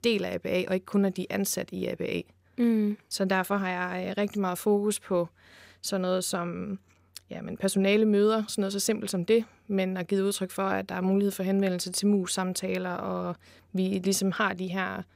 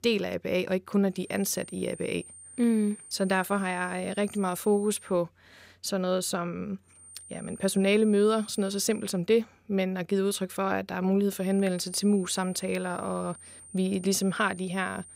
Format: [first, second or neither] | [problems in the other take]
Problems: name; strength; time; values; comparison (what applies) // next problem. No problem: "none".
first | high-pitched whine; noticeable; from 1 to 5 s, from 7 to 9 s and from 11 s on; 9 kHz, 20 dB below the speech